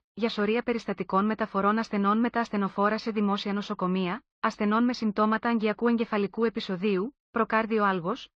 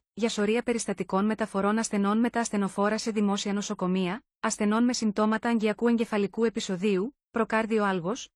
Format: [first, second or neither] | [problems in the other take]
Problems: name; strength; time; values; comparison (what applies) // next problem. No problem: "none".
second | muffled; slightly; fading above 4.5 kHz